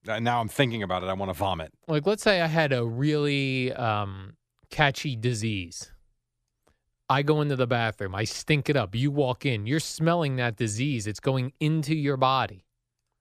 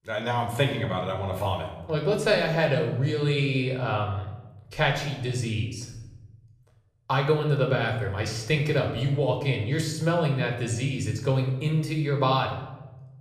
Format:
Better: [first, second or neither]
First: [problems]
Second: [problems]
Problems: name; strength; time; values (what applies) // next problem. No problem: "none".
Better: first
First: none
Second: room echo; slight; dies away in 0.8 s // off-mic speech; somewhat distant